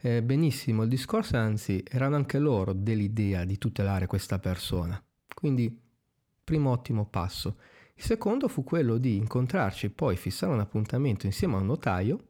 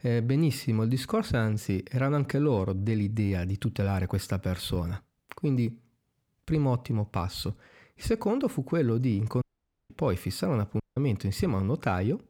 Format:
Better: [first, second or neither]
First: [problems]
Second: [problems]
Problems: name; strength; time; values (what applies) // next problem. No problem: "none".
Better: first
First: none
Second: audio cutting out; at 9.5 s and at 11 s